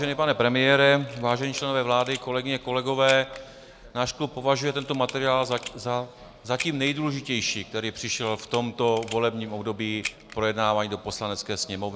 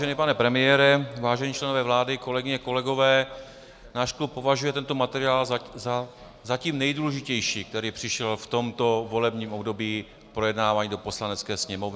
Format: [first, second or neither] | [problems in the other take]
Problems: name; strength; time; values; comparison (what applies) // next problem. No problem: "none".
second | background sound (Camera); 17 dB below the speech